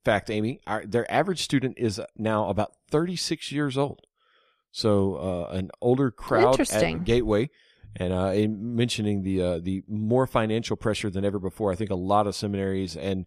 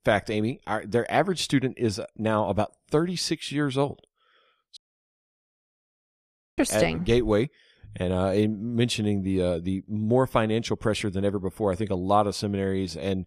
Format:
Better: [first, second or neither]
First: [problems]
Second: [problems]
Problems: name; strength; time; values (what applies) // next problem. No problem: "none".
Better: first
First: none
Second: audio cutting out; at 5 s for 2 s